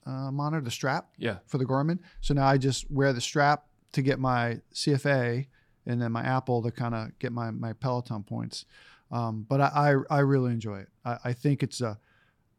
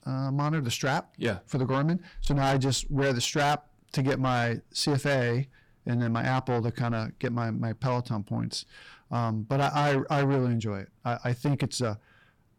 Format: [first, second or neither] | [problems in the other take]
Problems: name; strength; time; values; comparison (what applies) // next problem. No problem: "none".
first | distortion; heavy; 7 dB below the speech